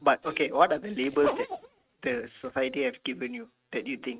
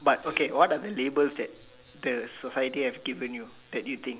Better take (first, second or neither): second